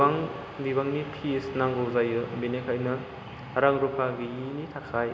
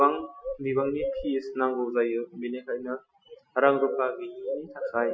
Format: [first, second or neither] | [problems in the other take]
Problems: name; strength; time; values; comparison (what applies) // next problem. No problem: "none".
first | noise reduction (classical method Wiener filter)